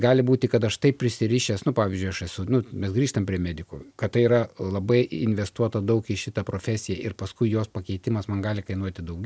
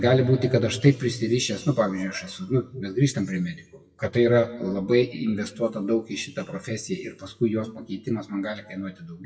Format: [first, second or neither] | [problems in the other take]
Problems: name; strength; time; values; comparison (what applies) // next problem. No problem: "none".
first | noise reduction (classical method WPE with log-MMSE)